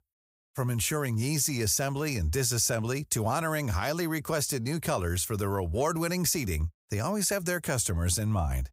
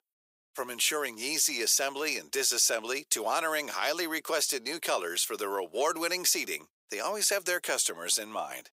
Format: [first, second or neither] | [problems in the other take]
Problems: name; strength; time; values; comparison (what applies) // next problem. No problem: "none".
first | thin; very; fading below 350 Hz